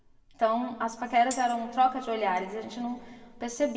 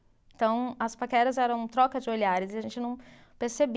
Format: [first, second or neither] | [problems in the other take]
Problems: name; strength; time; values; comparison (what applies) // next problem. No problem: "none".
second | background sound (Tambourine); 16 dB below the speech // room echo; dies away in 2 s